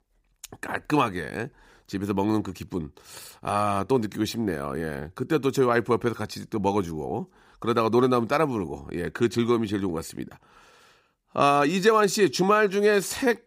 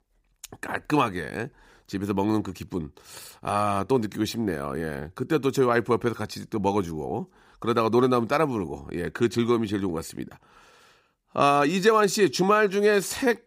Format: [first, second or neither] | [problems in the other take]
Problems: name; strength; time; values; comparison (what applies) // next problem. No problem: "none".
neither | none